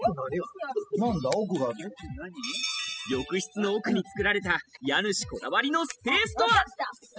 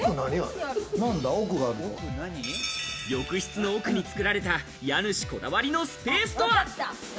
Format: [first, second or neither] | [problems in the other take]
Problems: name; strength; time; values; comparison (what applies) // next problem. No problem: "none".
second | noise reduction (classical method spectral subtraction)